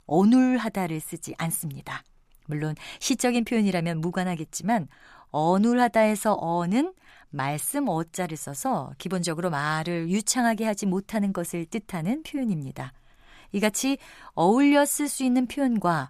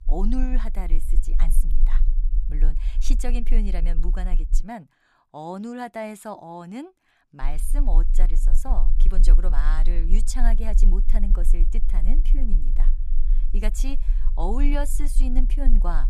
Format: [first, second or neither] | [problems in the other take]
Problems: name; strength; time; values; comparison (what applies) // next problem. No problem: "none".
first | low rumble; noticeable; until 4.5 s and from 7.5 s on; 15 dB below the speech